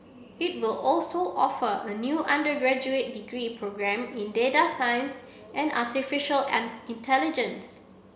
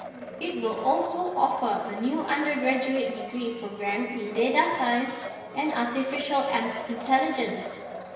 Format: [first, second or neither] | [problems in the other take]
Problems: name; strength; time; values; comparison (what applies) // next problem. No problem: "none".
first | background sound (Domestic sounds, home sounds); 12 dB below the speech // room echo; dies away in 1.5 s